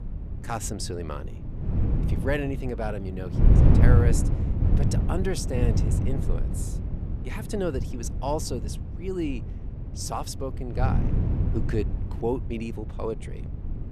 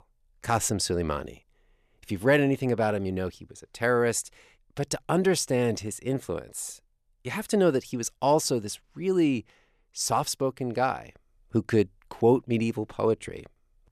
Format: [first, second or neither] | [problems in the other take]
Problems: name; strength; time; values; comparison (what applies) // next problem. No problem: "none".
second | wind noise on the microphone; heavy; 5 dB below the speech